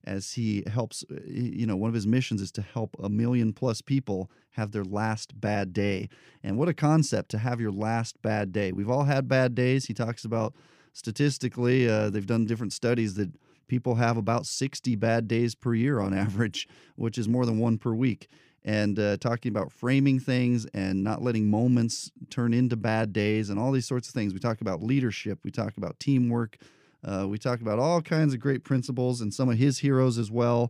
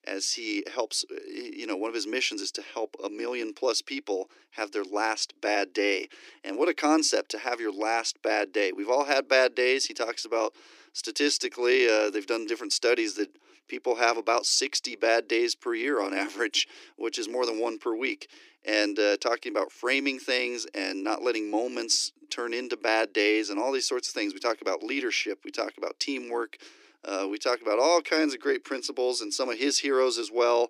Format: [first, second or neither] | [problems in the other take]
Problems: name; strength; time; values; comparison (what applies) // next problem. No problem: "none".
first | thin; very; fading below 300 Hz